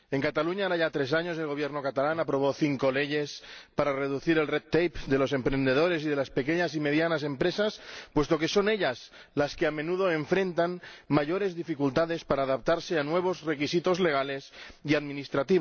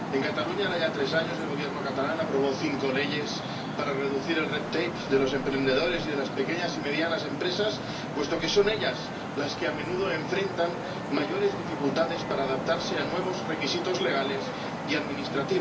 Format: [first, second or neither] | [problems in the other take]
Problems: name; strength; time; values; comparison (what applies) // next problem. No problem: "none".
first | background sound (Traffic noise, roadway noise); 4 dB below the speech // room echo; dies away in 0.3 s